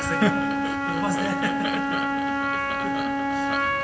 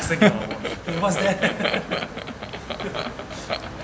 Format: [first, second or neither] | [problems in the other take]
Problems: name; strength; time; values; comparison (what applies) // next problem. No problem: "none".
second | background sound (Wind instrument, woodwind instrument); 5 dB above the speech // room echo; dies away in 1.6 s